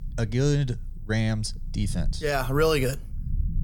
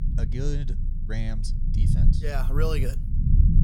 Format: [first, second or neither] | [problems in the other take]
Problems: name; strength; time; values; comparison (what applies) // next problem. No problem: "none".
first | low rumble; loud; throughout; 5 dB below the speech; faint in the first